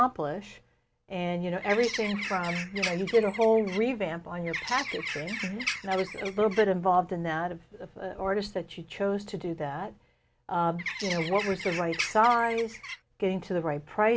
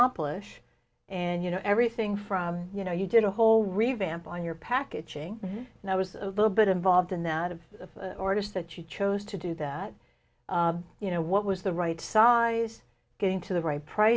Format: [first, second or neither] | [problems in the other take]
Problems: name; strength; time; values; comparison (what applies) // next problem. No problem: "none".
second | background sound (Bird); 7 dB below the speech